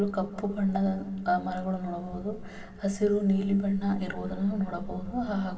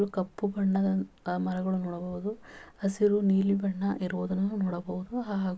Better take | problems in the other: second | background sound (Thunder); 17 dB below the speech // room echo; dies away in 2.1 s

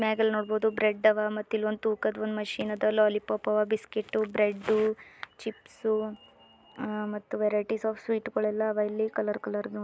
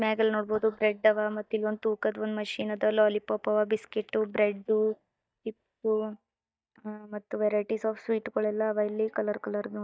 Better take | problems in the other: first | noise reduction (neural mask model DeepFilterNet 3)

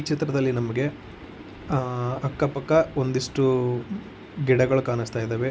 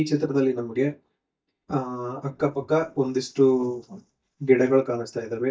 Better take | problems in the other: first | noise reduction (neural mask model DeepFilterNet 3)

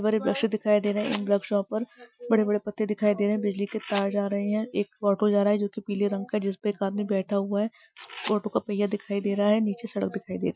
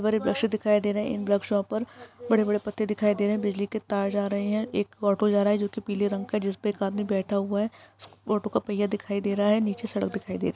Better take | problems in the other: second | noise reduction (classical method Wiener filter)

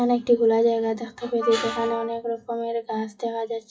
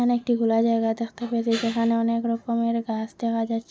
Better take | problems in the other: second | noise reduction (classical method WPE with log-MMSE)

